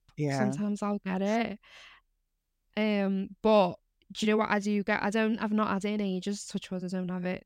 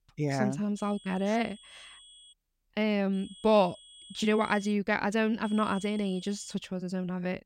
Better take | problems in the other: first | high-pitched whine; faint; from 1 to 2.5 s, from 3 to 4.5 s and from 5.5 to 6.5 s; 3.5 kHz, 20 dB below the speech

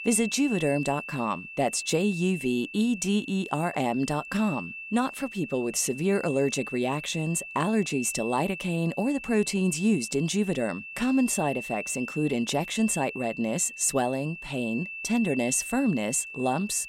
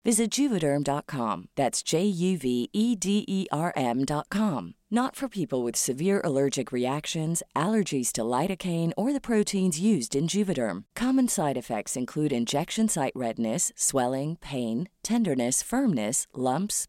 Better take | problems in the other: second | high-pitched whine; loud; throughout; 2.5 kHz, 10 dB below the speech

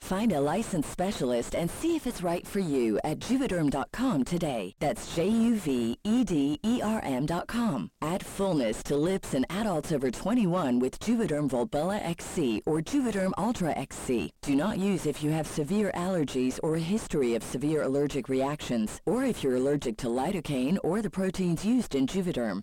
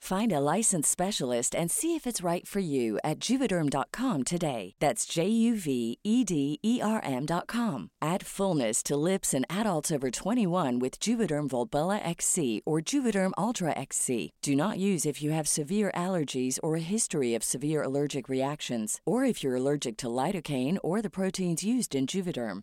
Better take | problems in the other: second | distortion; heavy; 3 dB below the speech

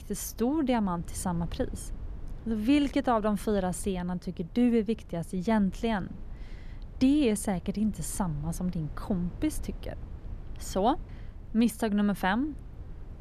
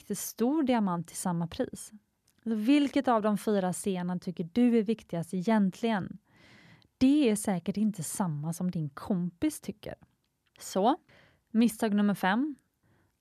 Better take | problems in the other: second | low rumble; faint; throughout; 25 dB below the speech

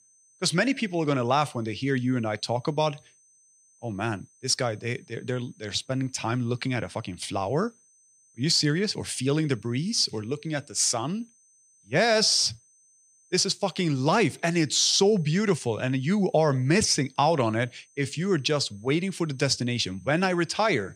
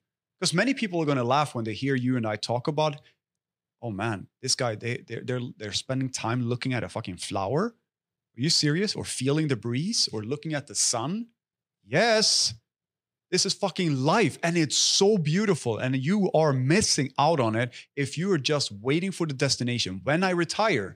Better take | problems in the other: second | high-pitched whine; faint; throughout; 6 kHz, 30 dB below the speech

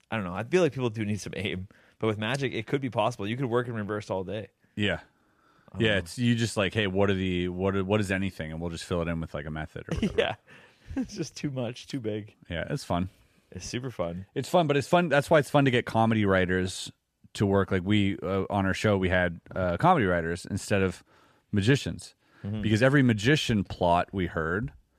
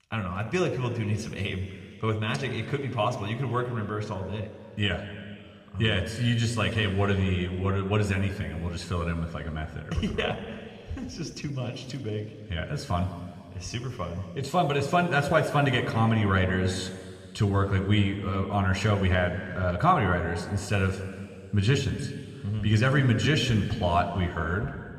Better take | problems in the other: first | room echo; slight; dies away in 2.4 s

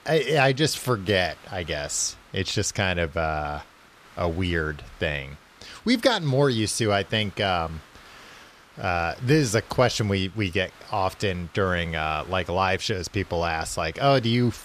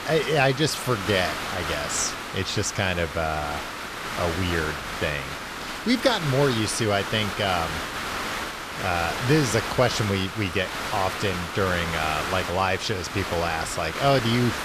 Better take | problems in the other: first | hiss; loud; throughout; 5 dB below the speech; faint in the first

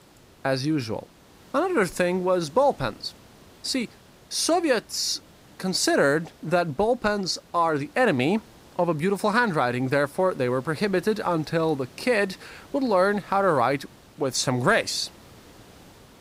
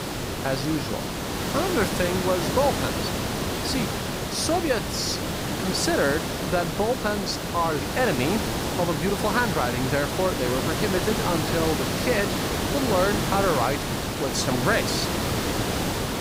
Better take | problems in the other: first | hiss; loud; throughout; 1 dB below the speech; faint in the first

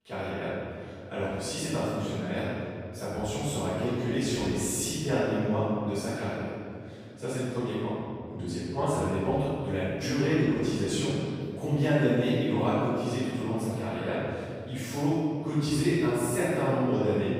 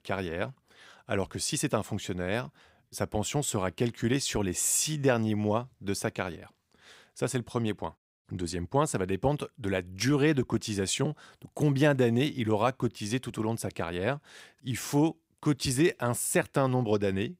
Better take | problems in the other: second | off-mic speech; far // room echo; strong; dies away in 2.6 s

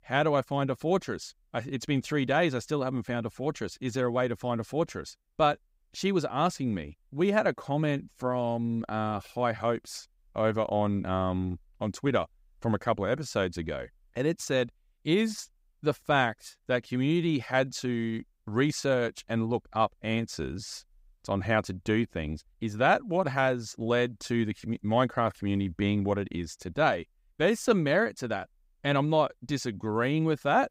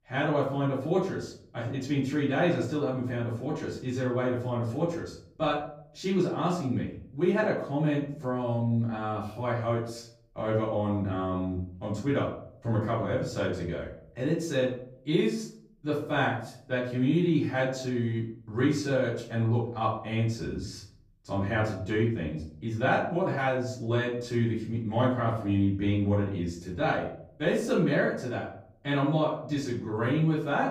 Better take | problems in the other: first | off-mic speech; far // room echo; noticeable; dies away in 0.5 s

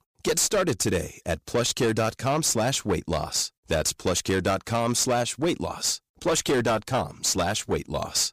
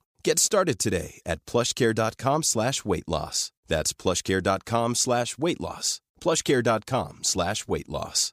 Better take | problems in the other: second | distortion; slight; 11% of the sound clipped

